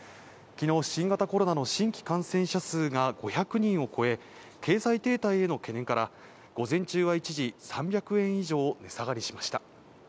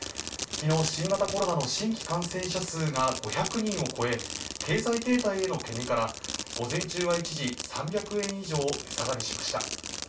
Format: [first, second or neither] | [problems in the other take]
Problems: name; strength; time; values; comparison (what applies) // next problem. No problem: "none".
first | background sound (Fireworks); 7 dB below the speech // room echo; dies away in 0.2 s